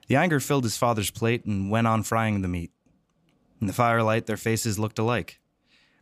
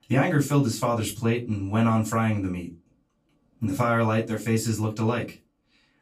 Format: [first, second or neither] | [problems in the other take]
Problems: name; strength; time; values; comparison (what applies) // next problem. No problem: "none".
first | off-mic speech; far // room echo; very slight; dies away in 0.2 s